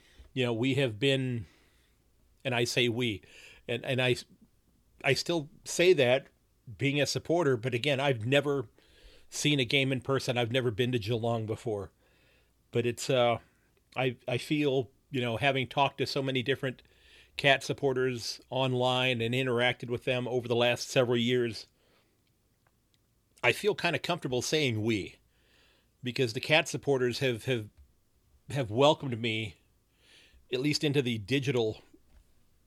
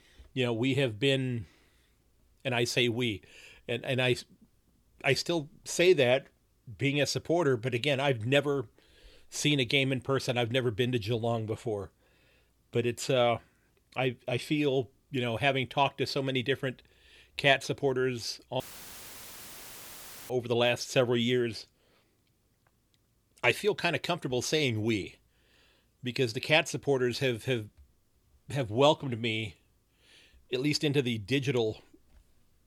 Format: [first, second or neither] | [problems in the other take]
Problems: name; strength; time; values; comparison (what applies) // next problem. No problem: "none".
first | audio cutting out; filled with static; at 19 s for 1.5 s